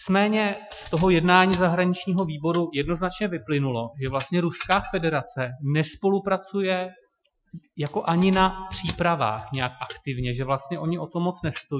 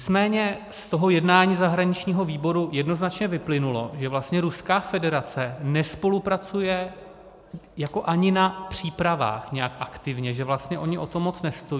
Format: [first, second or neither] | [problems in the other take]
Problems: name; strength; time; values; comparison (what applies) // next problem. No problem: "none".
second | noise reduction (classical method Wiener filter)